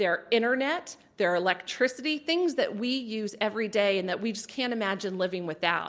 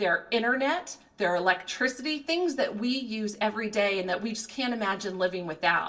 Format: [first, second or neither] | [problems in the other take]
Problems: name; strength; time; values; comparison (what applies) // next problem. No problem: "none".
first | room echo; dies away in 0.2 s